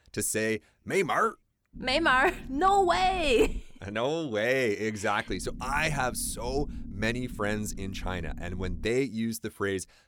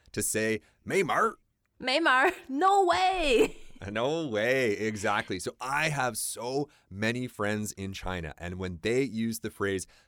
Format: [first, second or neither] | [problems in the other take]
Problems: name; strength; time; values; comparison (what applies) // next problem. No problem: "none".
second | low rumble; faint; from 2 to 3.5 s and from 5.5 to 9 s; 25 dB below the speech